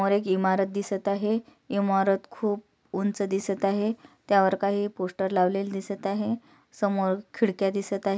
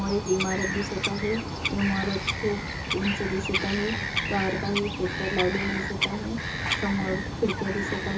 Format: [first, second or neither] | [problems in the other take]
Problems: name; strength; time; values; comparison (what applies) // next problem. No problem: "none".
first | background sound (Bird vocalization, bird call, bird song); 1 dB below the speech // room echo; dies away in 0.2 s